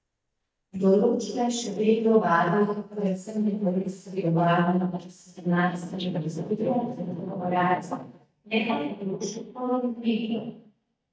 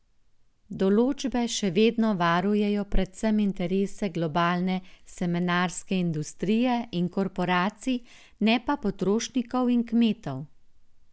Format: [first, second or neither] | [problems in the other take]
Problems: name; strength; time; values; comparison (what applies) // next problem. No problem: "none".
second | noise reduction (neural mask model DeepFilterNet 3)